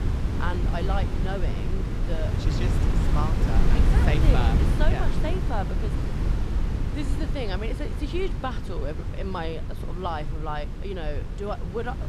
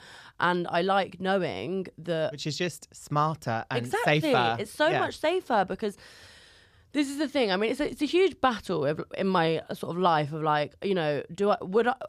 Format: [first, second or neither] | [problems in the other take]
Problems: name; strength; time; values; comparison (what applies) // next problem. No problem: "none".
second | wind noise on the microphone; heavy; 3 dB below the speech